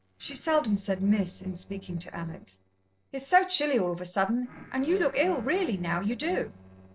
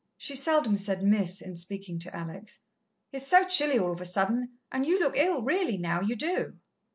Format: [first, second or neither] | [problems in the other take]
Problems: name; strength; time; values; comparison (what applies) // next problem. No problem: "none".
second | noise reduction (neural separator model SepFormer DNS4)